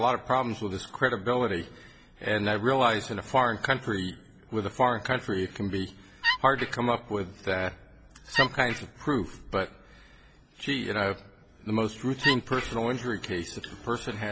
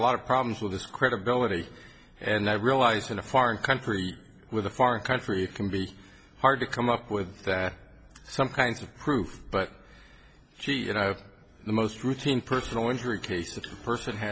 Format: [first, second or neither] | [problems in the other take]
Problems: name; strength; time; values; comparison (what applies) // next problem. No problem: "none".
second | background sound (Wood); as loud as the speech